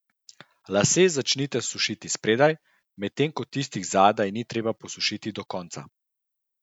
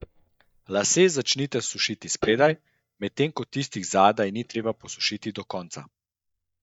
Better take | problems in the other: first | noise reduction (neural mask model DeepFilterNet 3)

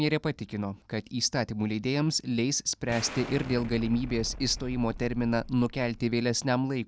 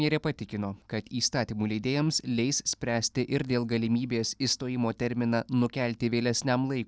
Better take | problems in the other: second | background sound (Explosion); 12 dB below the speech

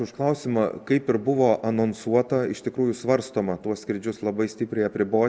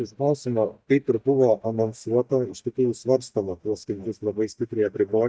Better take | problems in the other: first | noise reduction (neural mask model DeepFilterNet 3)

